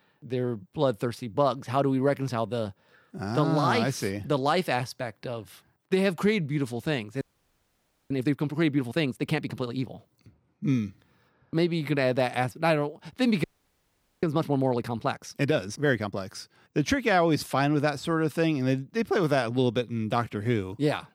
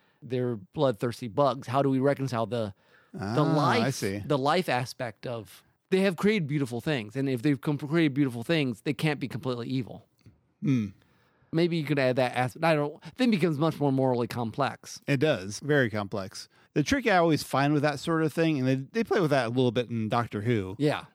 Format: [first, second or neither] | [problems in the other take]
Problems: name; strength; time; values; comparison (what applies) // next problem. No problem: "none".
second | audio freezing; at 7 s for 1 s and at 13 s for 1 s